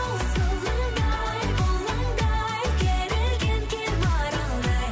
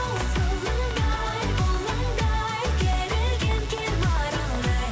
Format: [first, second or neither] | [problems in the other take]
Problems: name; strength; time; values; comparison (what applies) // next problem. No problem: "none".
first | background sound (Writing + Domestic sounds, home sounds); 15 dB below the speech